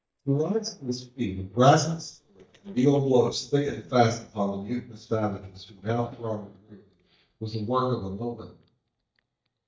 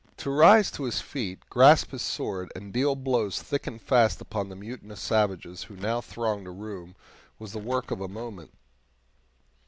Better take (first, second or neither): second